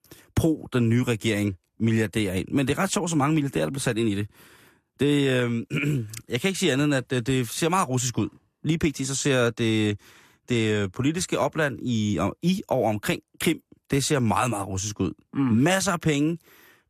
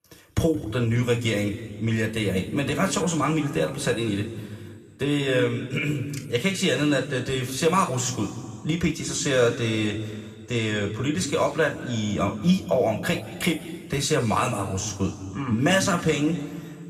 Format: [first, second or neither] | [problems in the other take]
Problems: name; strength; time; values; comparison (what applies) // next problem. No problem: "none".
first | room echo; slight; dies away in 1.7 s